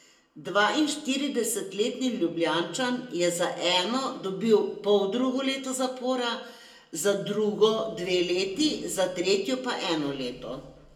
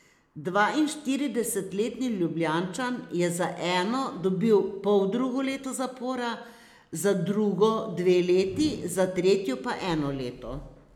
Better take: second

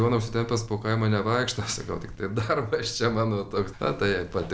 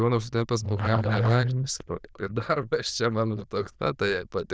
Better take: first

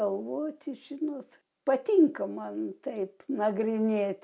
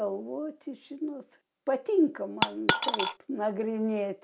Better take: first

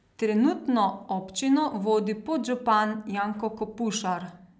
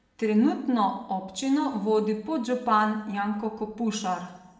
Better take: first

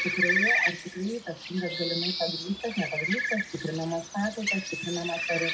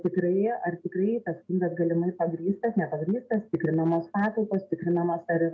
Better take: second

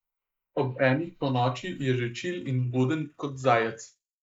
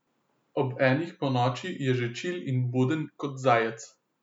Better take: second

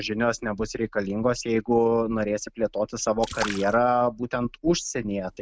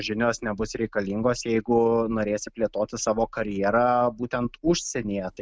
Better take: second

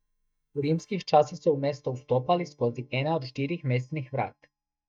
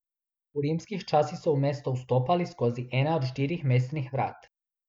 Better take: second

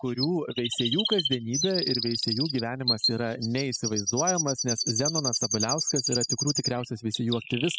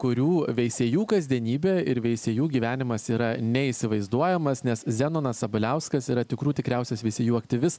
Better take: second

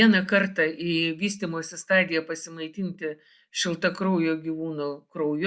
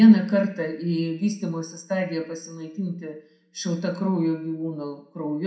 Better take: first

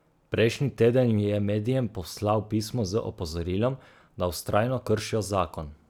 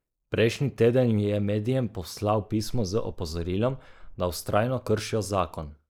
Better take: first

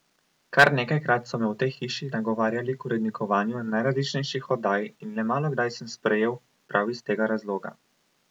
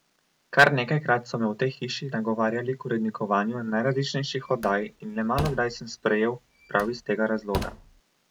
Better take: first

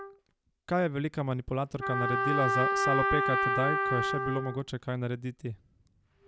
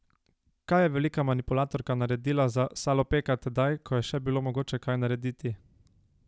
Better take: second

